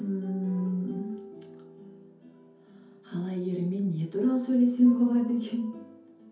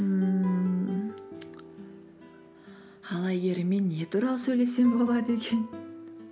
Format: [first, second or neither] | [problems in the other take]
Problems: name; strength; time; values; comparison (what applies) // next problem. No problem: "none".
second | room echo; dies away in 0.5 s